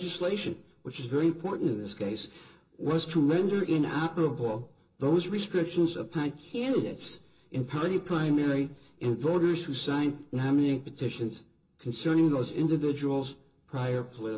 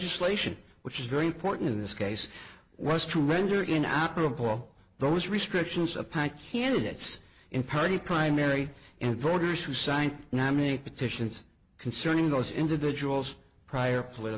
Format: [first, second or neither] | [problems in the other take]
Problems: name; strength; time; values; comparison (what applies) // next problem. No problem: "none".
second | room echo; dies away in 0.2 s